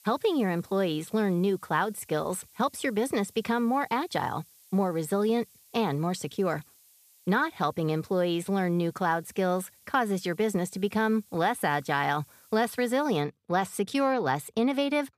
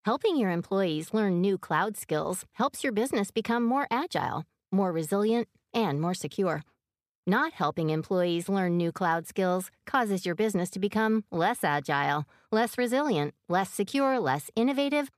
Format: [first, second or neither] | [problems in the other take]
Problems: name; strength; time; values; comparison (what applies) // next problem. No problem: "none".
second | hiss; faint; until 13 s; 25 dB below the speech